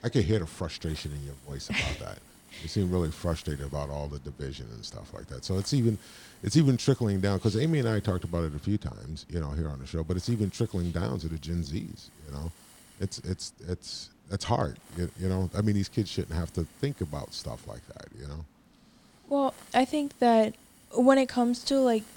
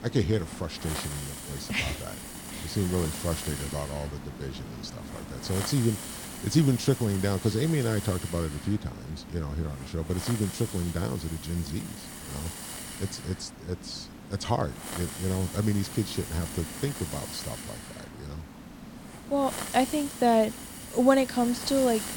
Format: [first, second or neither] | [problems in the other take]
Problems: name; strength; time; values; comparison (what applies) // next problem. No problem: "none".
first | hiss; loud; throughout; 9 dB below the speech; faint in the first